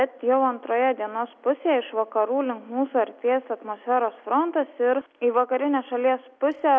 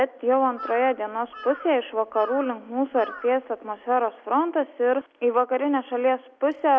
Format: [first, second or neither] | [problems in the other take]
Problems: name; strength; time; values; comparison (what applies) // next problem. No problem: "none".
first | background sound (Bird vocalization, bird call, bird song / Crow); 17 dB below the speech